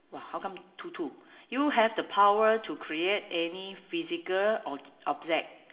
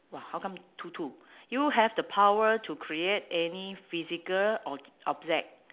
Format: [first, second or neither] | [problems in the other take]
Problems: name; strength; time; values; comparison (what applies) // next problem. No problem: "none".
second | room echo; dies away in 1 s